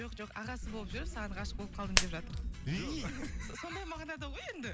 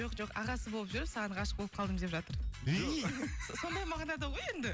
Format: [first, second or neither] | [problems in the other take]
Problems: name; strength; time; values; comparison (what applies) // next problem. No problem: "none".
second | background sound (Hands); 3 dB above the speech